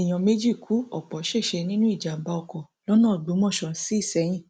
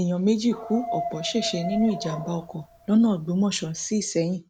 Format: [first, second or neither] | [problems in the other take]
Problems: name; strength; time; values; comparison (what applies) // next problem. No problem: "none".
first | background sound (Dog); 10 dB below the speech